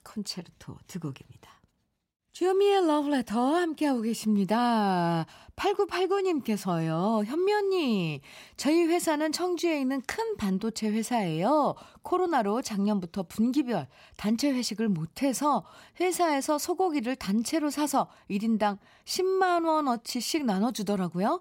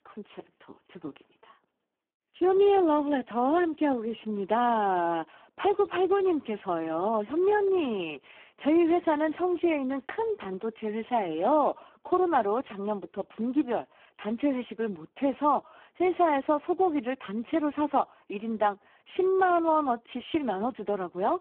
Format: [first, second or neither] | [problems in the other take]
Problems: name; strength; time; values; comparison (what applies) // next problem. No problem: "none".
first | phone-call audio; poor line